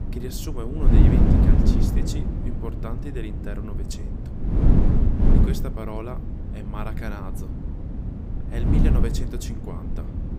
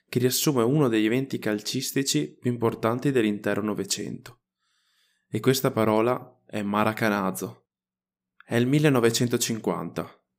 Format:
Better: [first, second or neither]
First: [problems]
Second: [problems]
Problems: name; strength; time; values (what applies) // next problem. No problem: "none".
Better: second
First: wind noise on the microphone; heavy; 3 dB above the speech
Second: none